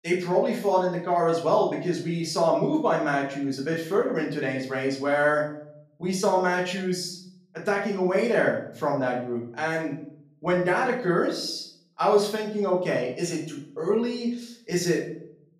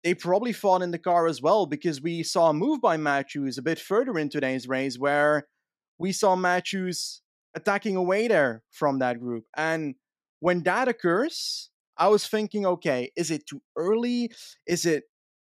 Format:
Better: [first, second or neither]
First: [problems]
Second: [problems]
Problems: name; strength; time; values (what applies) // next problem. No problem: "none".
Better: second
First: off-mic speech; far // room echo; noticeable; dies away in 0.5 s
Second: none